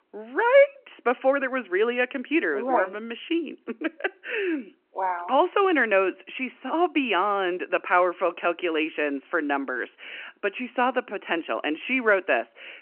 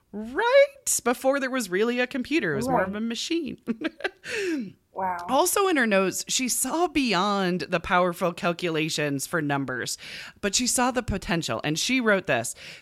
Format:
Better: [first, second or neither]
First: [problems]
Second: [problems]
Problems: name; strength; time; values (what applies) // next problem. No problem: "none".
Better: second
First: phone-call audio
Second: none